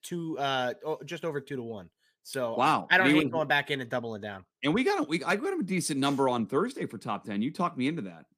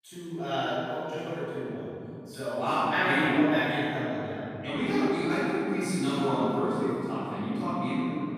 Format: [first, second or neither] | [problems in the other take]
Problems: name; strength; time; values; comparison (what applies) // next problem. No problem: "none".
first | room echo; strong; dies away in 2.9 s // off-mic speech; far